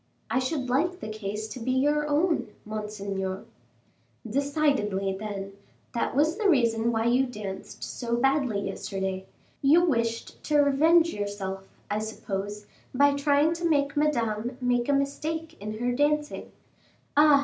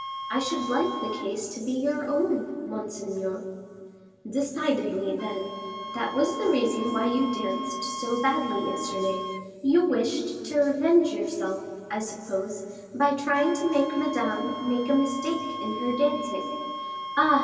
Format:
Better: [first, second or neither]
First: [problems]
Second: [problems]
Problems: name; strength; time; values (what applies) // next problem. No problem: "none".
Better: first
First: none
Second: background sound (Wind instrument, woodwind instrument); 11 dB below the speech // room echo; dies away in 2.4 s